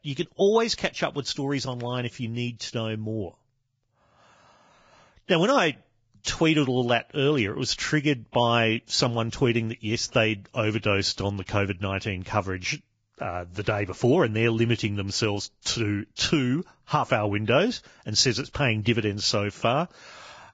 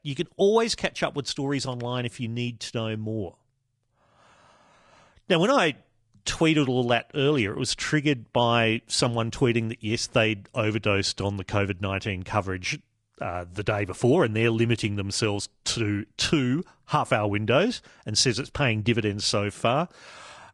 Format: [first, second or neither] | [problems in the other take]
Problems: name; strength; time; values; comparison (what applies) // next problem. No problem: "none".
second | garbled, watery; badly; nothing above 7.5 kHz; slightly in the second